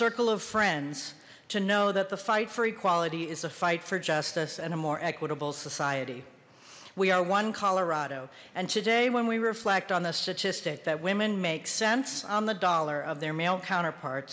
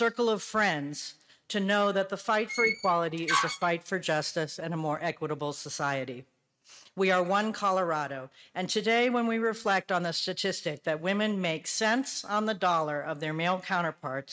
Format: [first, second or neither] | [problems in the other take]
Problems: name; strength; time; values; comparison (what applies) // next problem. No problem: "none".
first | noise reduction (neural mask model RNNoise)